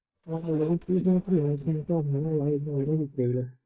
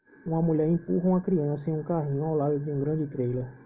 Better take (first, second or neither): second